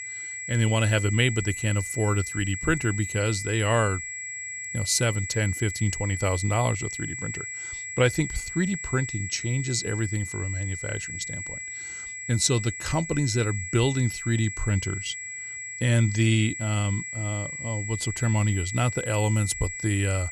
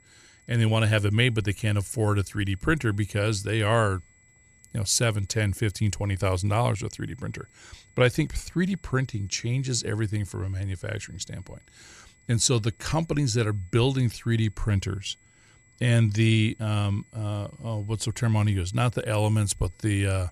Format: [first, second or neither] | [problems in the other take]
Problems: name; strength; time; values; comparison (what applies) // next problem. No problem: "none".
second | high-pitched whine; loud; throughout; 2 kHz, 6 dB below the speech; faint in the second